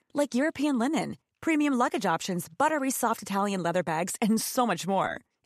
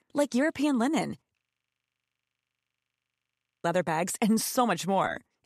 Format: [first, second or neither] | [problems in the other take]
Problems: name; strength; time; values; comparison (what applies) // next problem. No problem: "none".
first | audio freezing; at 1.5 s for 2 s